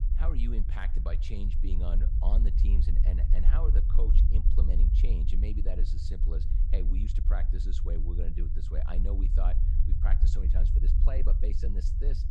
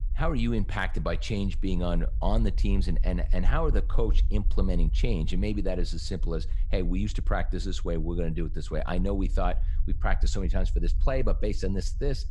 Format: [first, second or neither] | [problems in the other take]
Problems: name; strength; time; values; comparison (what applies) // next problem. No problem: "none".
second | low rumble; loud; throughout; 4 dB below the speech; faint in the second